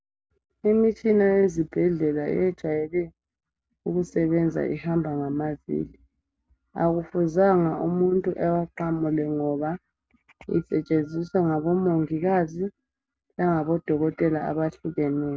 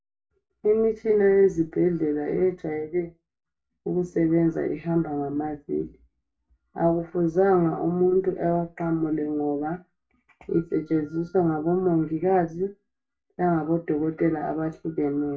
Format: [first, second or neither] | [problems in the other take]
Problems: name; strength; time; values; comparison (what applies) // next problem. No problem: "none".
first | room echo; dies away in 0.2 s